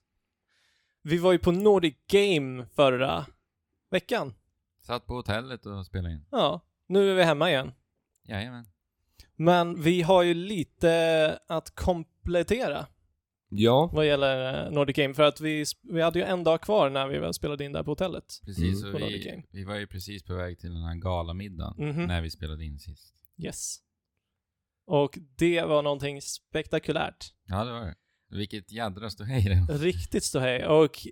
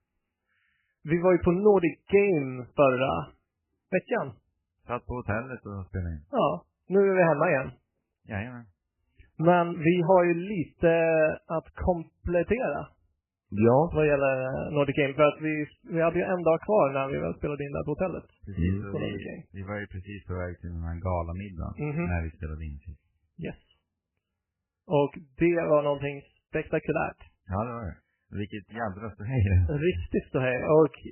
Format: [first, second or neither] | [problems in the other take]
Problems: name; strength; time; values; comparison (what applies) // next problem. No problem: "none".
first | garbled, watery; badly; nothing above 3 kHz